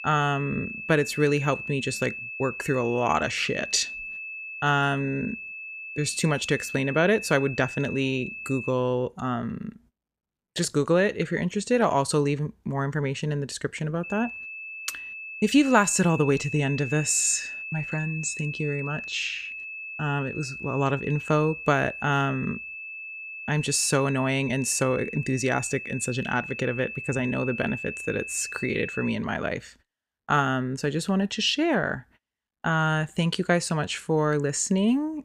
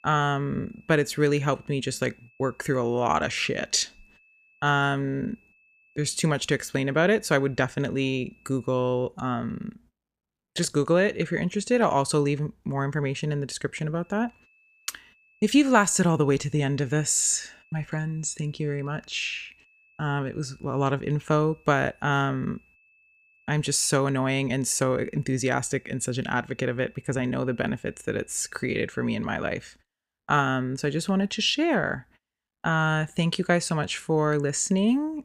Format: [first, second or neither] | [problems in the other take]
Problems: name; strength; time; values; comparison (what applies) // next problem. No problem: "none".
second | high-pitched whine; loud; until 8.5 s and from 14 to 29 s; 2.5 kHz, 9 dB below the speech; faint in the second